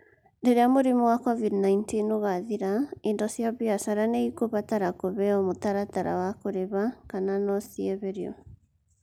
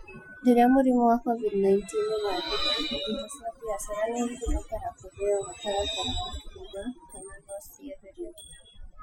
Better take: first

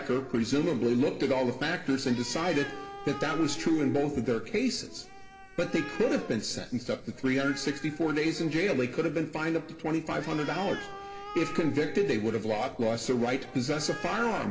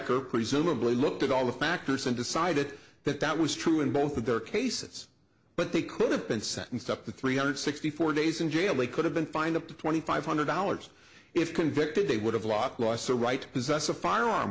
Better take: second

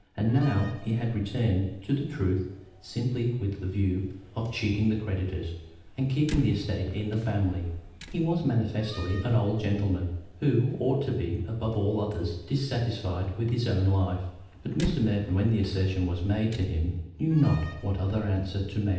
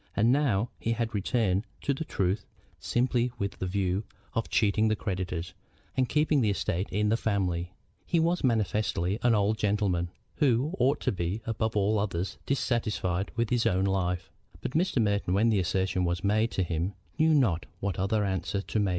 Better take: second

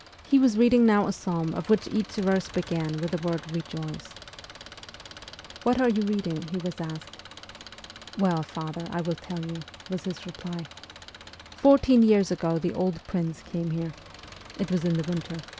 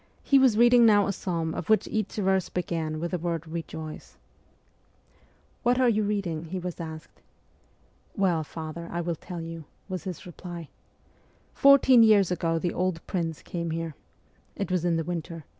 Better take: second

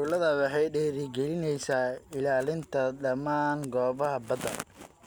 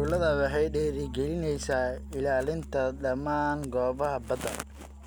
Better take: first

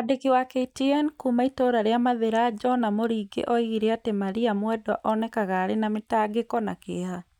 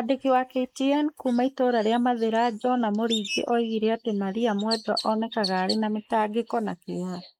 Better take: first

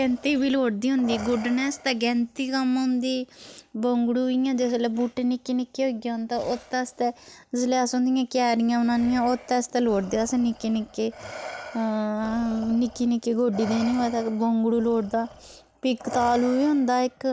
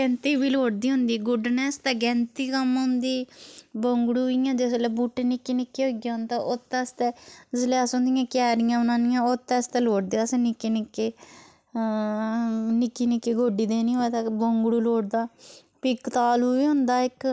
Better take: second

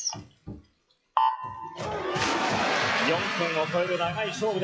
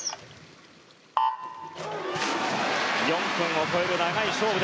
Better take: second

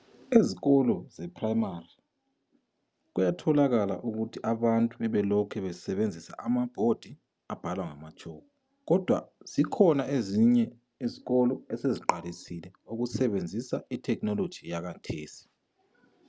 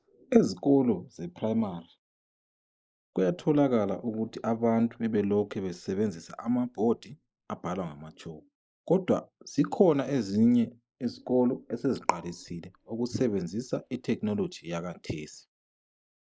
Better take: first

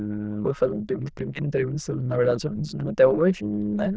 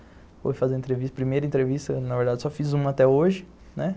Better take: second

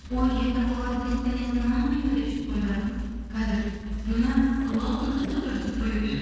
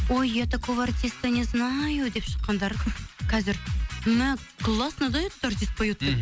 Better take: second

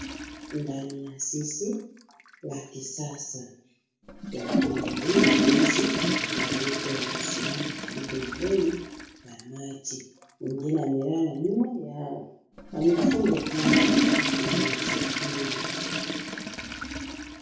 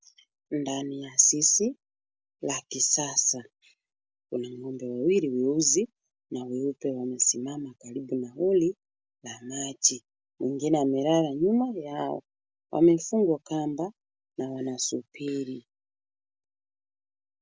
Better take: second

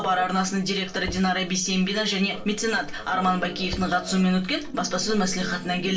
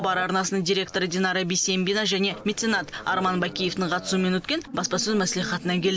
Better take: second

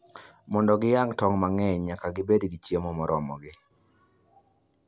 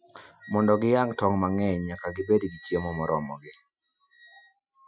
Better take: first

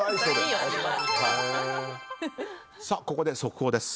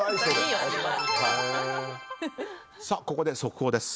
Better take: first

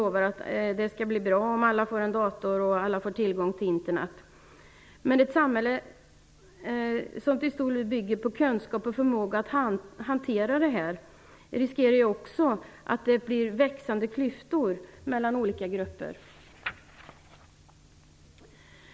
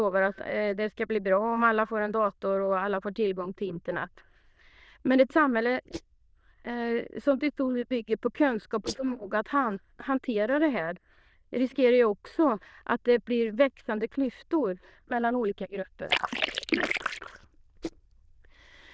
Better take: first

